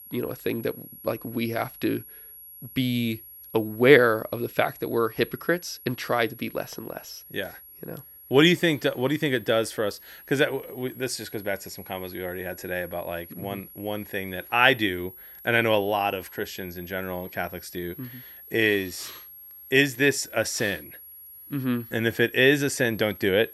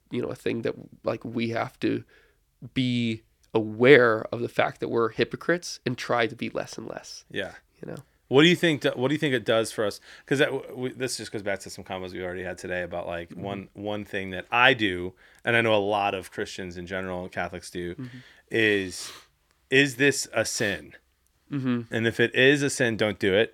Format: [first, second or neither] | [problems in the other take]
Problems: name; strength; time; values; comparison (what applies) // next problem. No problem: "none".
second | high-pitched whine; noticeable; throughout; 11.5 kHz, 20 dB below the speech